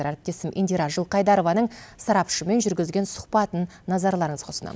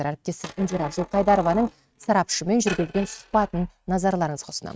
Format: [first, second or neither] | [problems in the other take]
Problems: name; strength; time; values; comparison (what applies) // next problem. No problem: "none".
first | noise reduction (neural mask model RNNoise)